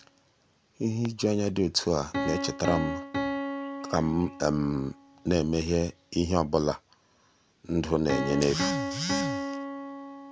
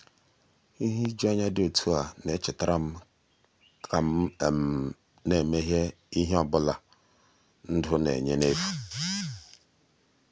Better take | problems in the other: second | background sound (Piano); 6 dB below the speech

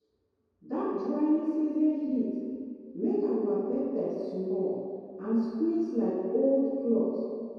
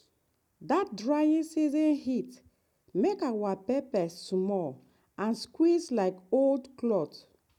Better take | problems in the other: second | room echo; dies away in 2.2 s

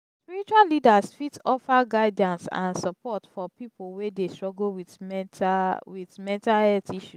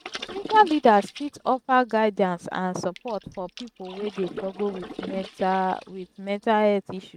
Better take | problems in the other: first | noise reduction (neural mask model RNNoise)

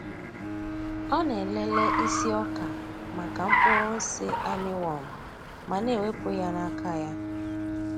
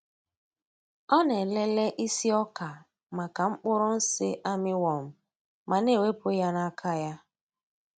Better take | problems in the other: second | background sound (Car + Bowed string instrument); 2 dB above the speech

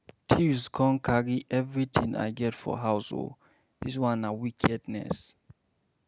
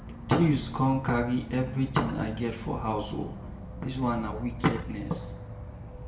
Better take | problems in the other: first | background sound (Insect / Frog); 10 dB below the speech // room echo; dies away in 0.6 s

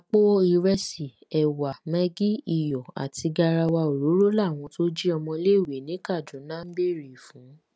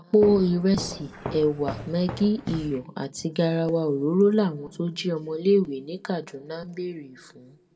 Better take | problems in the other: first | background sound (Walk, footsteps); 12 dB below the speech // room echo; dies away in 1.5 s

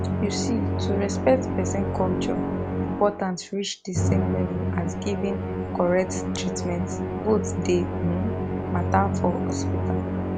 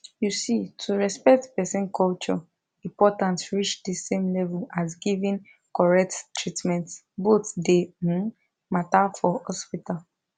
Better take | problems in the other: second | background sound (Musical instrument); 1 dB above the speech

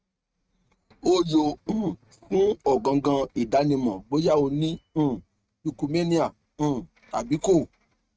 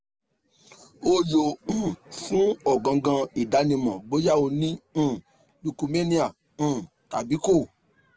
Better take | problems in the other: second | noise reduction (neural mask model RNNoise)

